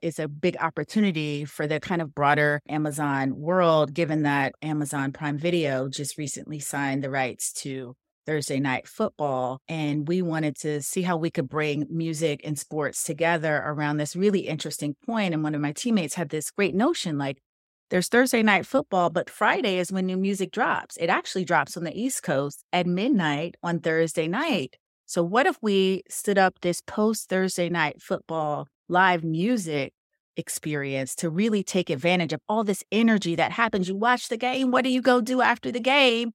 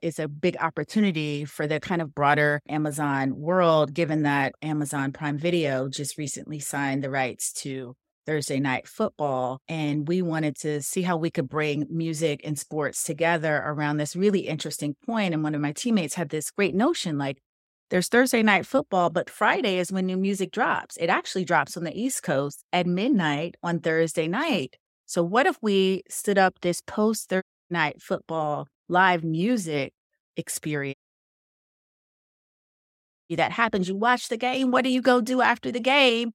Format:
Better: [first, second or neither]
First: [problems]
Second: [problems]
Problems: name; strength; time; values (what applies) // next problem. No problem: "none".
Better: first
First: none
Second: audio cutting out; at 27 s and at 31 s for 2.5 s